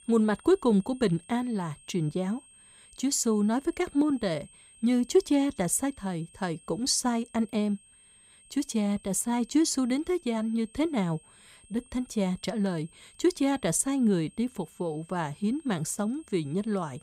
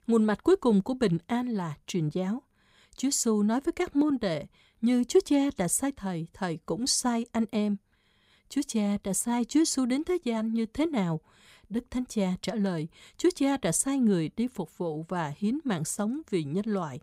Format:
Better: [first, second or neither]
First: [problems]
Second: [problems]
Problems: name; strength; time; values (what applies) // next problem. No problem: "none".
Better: second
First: high-pitched whine; faint; throughout; 8.5 kHz, 25 dB below the speech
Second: none